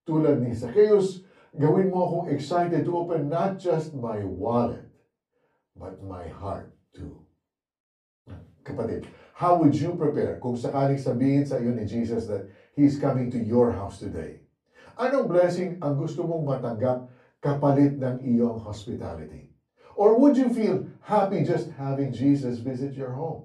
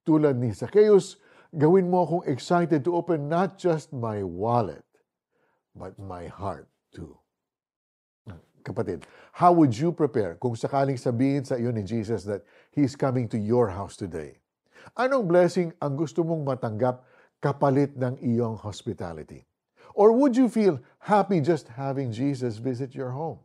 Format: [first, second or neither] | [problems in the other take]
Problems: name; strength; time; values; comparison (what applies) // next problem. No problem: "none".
second | off-mic speech; far // room echo; slight; dies away in 0.3 s